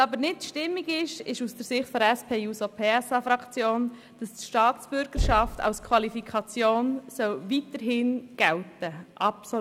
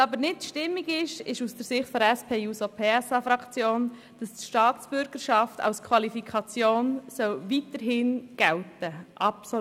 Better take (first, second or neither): second